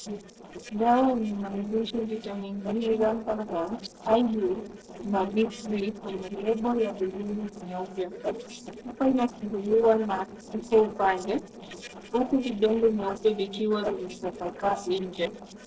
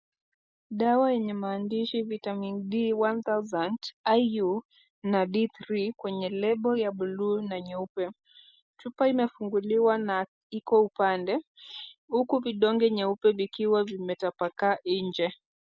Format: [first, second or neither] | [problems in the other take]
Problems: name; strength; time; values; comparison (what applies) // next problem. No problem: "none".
second | noise reduction (neural separator model SepFormer DNS4)